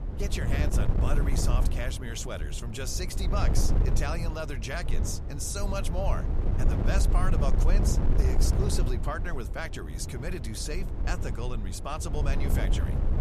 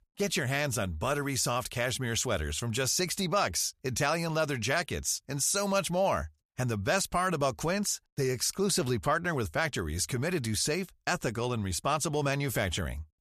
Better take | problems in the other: second | wind noise on the microphone; heavy; 5 dB below the speech

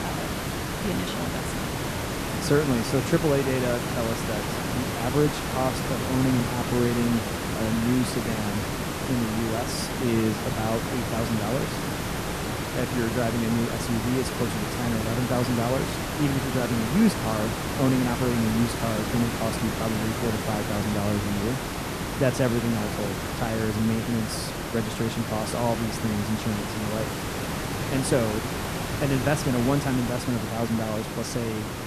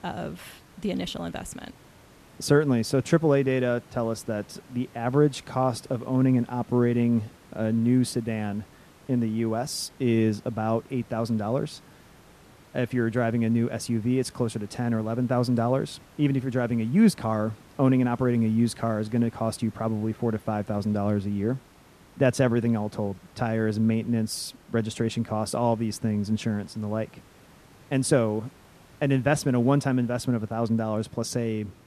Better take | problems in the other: second | hiss; loud; throughout; 2 dB below the speech; faint in the second

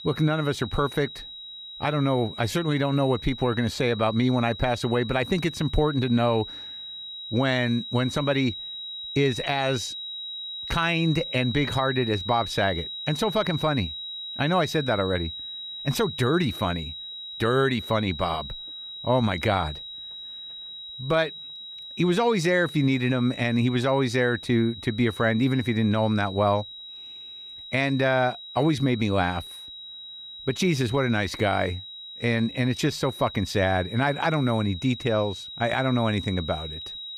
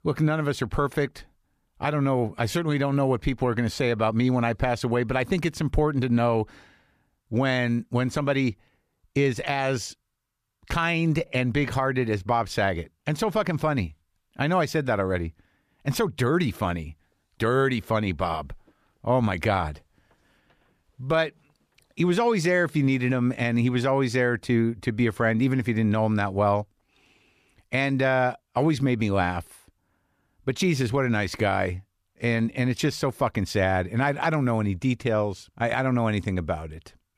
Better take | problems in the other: second | high-pitched whine; noticeable; throughout; 4 kHz, 10 dB below the speech

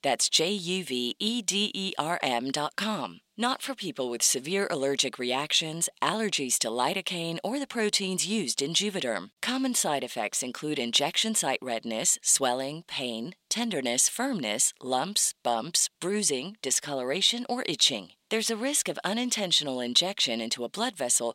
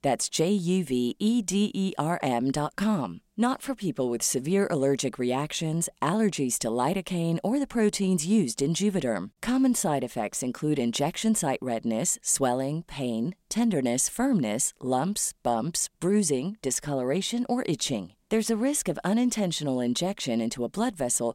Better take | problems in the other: second | thin; very slightly; fading below 1 kHz

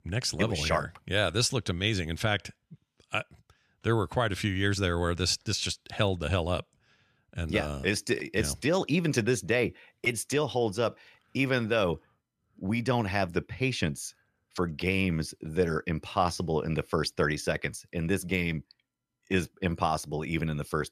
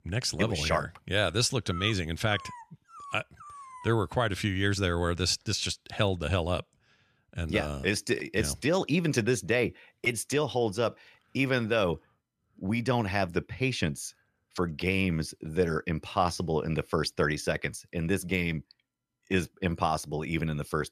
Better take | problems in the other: first | dog barking; faint; from 1.5 to 4 s; peak 10 dB below the speech

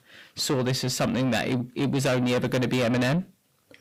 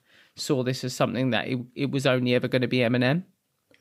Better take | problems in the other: second | distortion; heavy; 6 dB below the speech

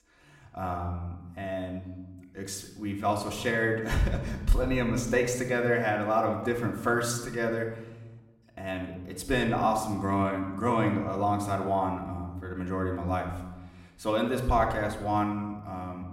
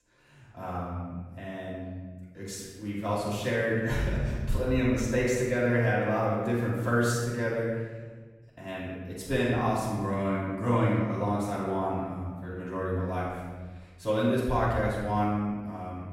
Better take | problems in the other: first | room echo; strong; dies away in 1.4 s; slight in the first // off-mic speech; far; somewhat distant in the first

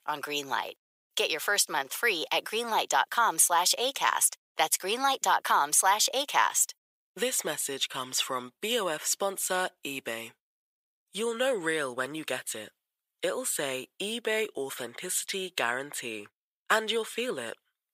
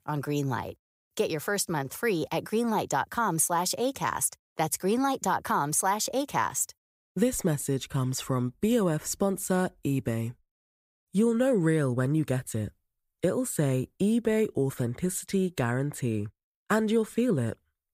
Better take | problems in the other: second | thin; very; fading below 650 Hz

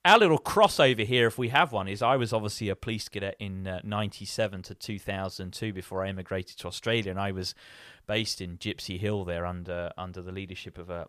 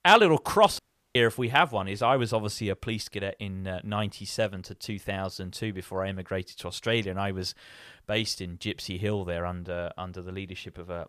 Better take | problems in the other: first | audio cutting out; at 1 s

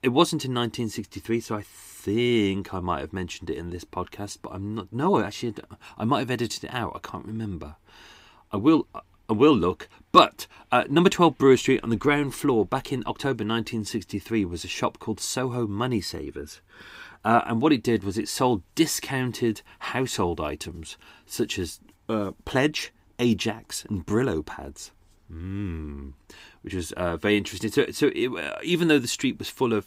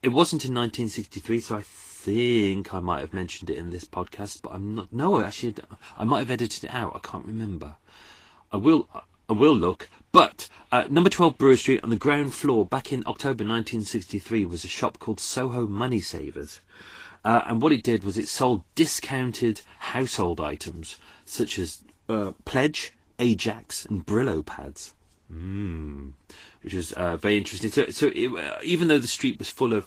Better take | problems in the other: first | garbled, watery; slightly; nothing above 15.5 kHz

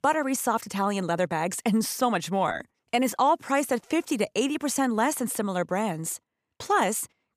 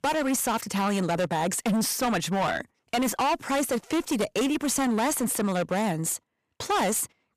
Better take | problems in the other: first | distortion; heavy; 20% of the sound clipped

